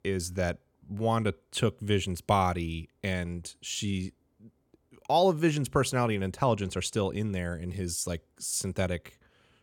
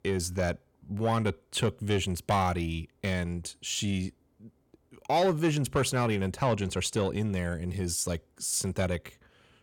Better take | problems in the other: first | distortion; slight; 10 dB below the speech

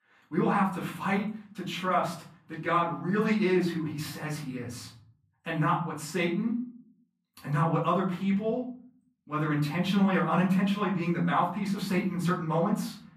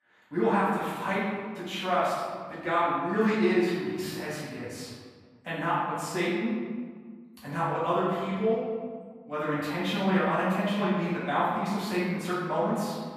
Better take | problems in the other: first | room echo; strong; dies away in 1.5 s; slight in the first // off-mic speech; far; far in the first

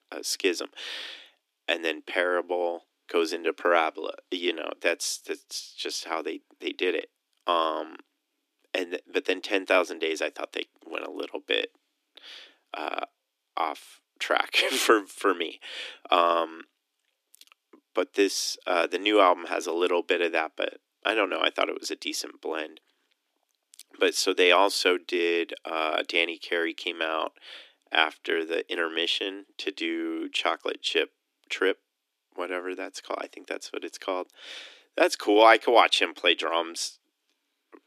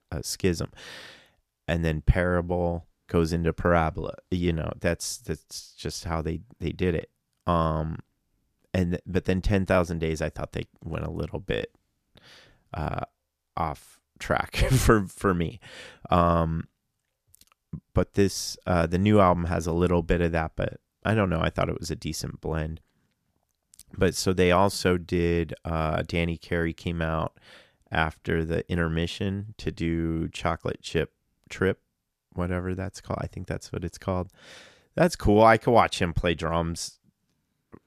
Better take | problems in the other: second | thin; very; fading below 300 Hz

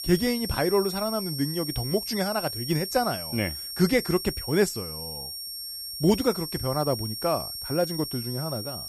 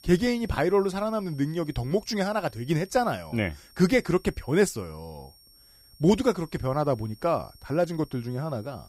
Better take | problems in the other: second | high-pitched whine; loud; throughout; 5.5 kHz, 5 dB below the speech; faint in the second

